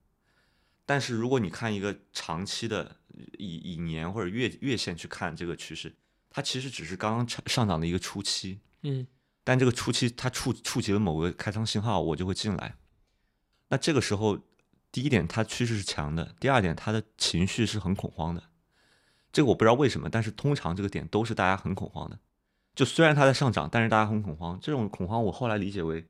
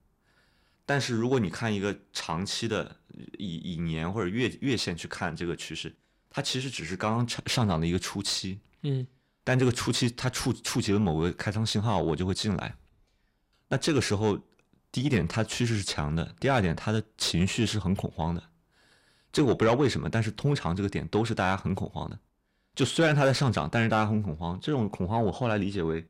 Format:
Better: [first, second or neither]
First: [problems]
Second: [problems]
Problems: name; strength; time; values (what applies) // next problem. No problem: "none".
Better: first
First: none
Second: distortion; slight; 10 dB below the speech